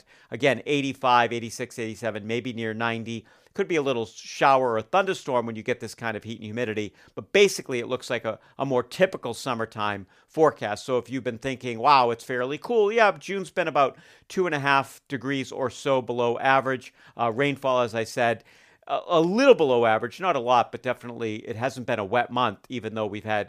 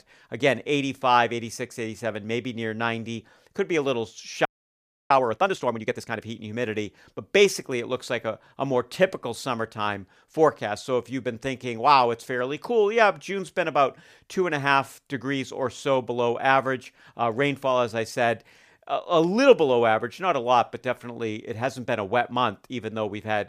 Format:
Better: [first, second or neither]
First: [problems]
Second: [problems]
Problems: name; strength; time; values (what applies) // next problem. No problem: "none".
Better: first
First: none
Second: audio freezing; at 4.5 s for 0.5 s